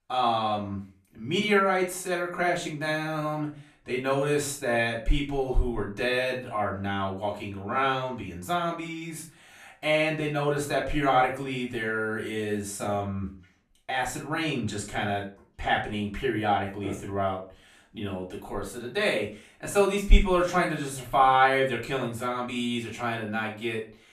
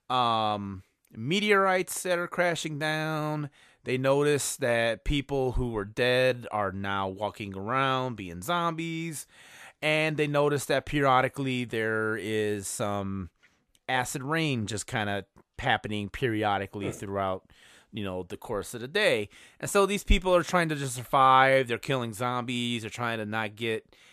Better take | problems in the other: second | off-mic speech; far // room echo; slight; dies away in 0.3 s

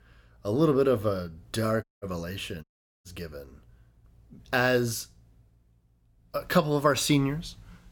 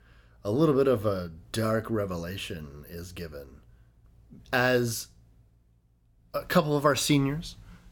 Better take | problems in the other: second | audio cutting out; at 2 s and at 2.5 s

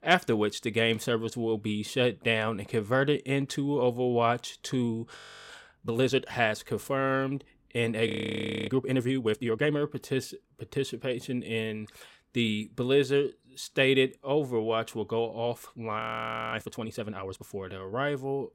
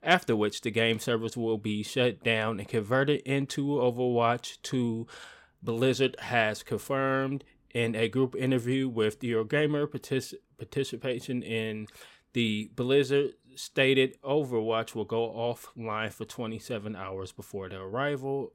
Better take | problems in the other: second | audio freezing; at 5 s, at 8 s for 0.5 s and at 16 s for 0.5 s

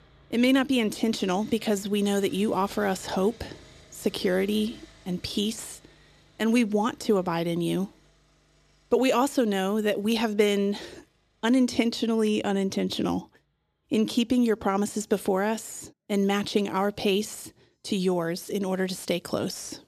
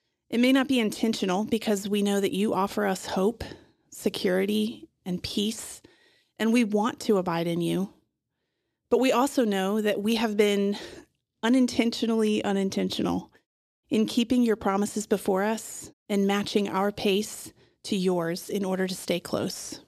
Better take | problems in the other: second | machinery noise; faint; throughout; 25 dB below the speech

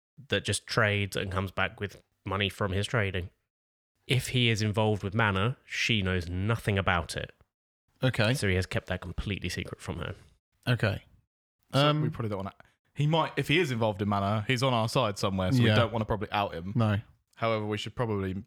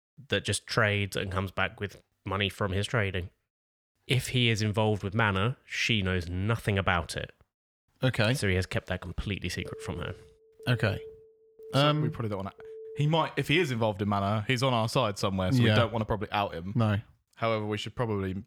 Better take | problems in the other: first | phone ringing; faint; from 9.5 to 13 s; peak 15 dB below the speech

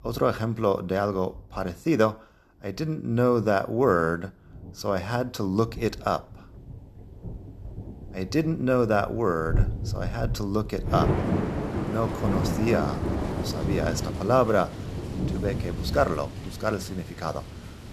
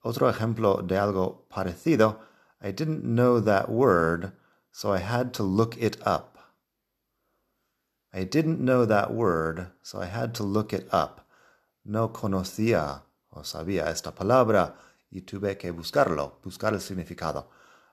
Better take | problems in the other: second | rain or running water; loud; throughout; 4 dB below the speech

